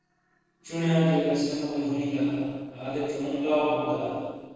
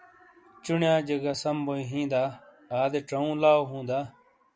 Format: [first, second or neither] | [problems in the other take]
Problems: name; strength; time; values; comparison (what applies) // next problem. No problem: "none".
second | noise reduction (neural separator model SepFormer DNS4)